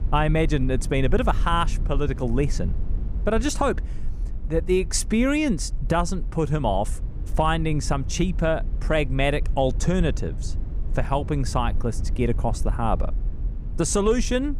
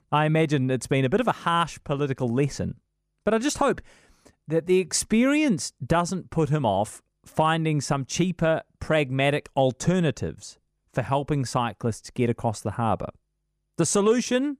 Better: second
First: low rumble; faint; throughout; 20 dB below the speech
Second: none

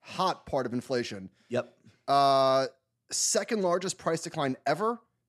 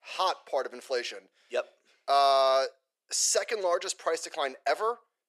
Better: first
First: none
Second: thin; very; fading below 450 Hz

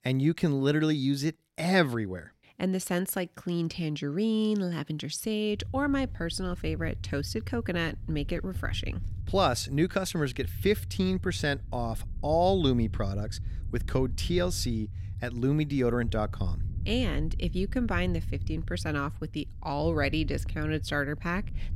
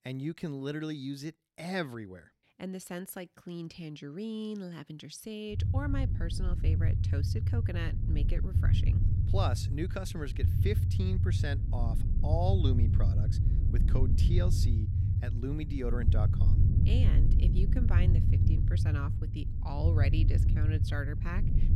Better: first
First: low rumble; faint; from 5.5 s on; 20 dB below the speech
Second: low rumble; loud; from 5.5 s on; 3 dB below the speech

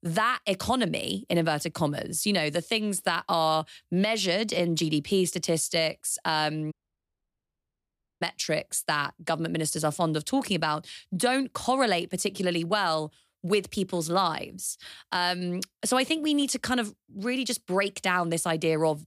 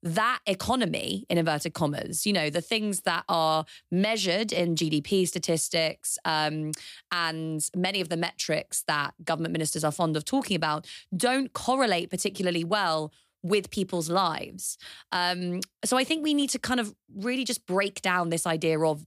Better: second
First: audio cutting out; at 6.5 s for 1.5 s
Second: none

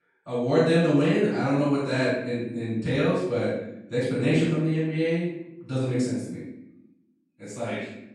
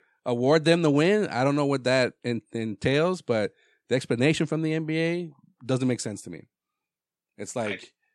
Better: second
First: off-mic speech; far // room echo; strong; dies away in 0.8 s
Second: none

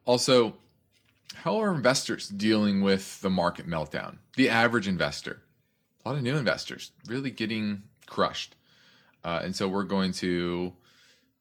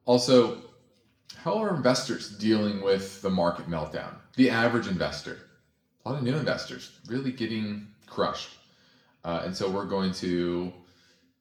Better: first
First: none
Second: room echo; very slight; dies away in 0.5 s

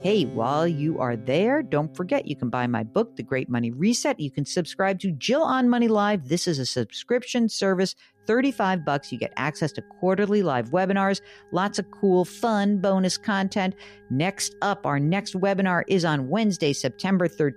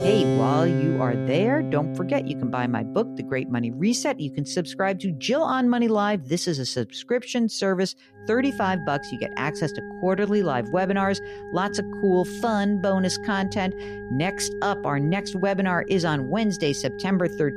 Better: first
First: background music; faint; throughout; 25 dB below the speech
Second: background music; loud; throughout; 7 dB below the speech

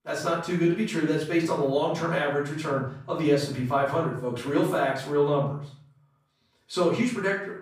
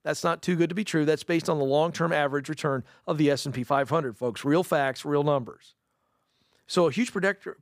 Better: second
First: room echo; noticeable; dies away in 0.5 s // off-mic speech; far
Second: none

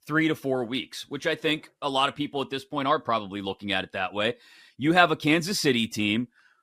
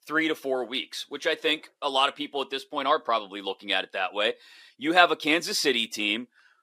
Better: first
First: none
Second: thin; somewhat; fading below 450 Hz

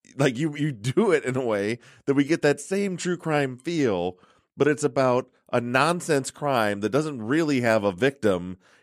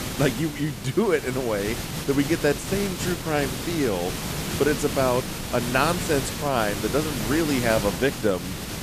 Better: first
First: none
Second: hiss; loud; throughout; 5 dB below the speech

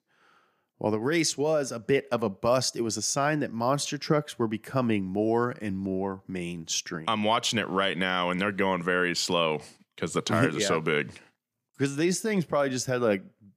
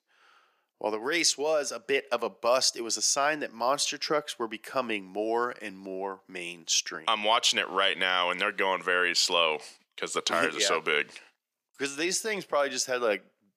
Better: first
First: none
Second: thin; somewhat; fading below 500 Hz

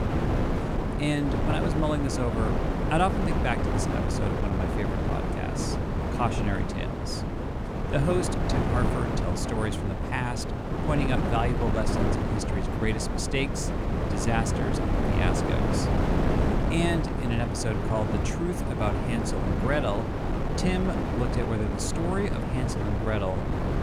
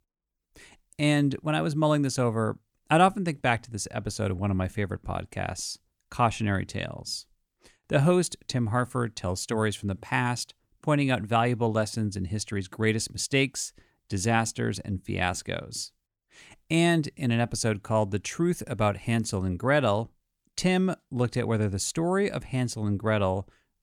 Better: second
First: wind noise on the microphone; heavy; as loud as the speech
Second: none

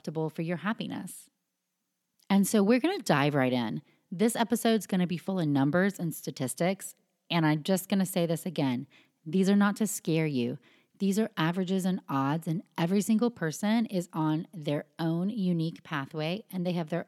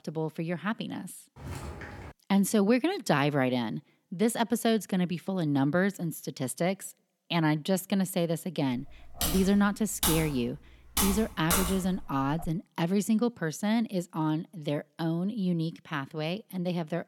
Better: first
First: none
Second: footsteps; faint; at 1.5 s; peak 10 dB below the speech // keyboard typing; loud; from 9 to 13 s; peak 1 dB above the speech

